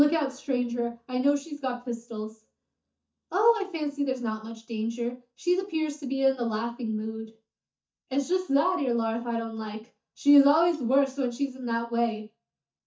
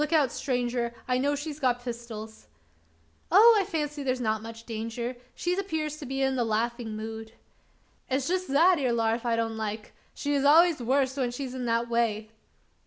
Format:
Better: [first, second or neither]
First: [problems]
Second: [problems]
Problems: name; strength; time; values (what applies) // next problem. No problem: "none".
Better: second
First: noise reduction (neural mask model DeepFilterNet 3)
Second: none